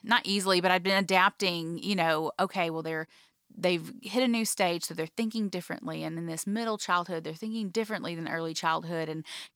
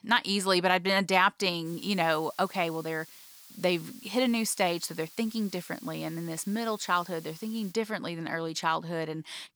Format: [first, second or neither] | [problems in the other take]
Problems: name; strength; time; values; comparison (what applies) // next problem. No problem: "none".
first | hiss; noticeable; from 1.5 to 7.5 s; 20 dB below the speech